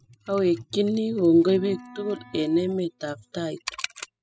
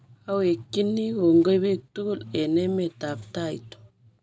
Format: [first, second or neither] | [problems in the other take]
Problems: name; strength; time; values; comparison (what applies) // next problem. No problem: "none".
second | noise reduction (classical method spectral subtraction)